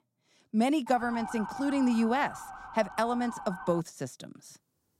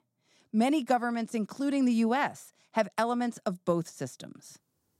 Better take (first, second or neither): second